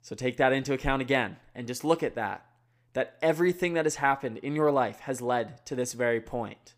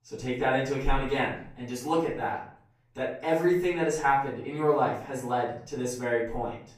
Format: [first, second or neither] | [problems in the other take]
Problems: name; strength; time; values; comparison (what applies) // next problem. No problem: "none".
first | room echo; noticeable; dies away in 0.5 s // off-mic speech; far